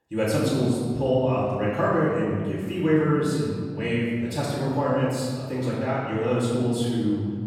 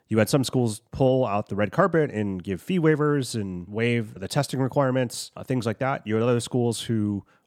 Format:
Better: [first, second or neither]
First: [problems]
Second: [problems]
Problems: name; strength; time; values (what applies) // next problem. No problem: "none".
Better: second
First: off-mic speech; far // room echo; strong; dies away in 1.8 s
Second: none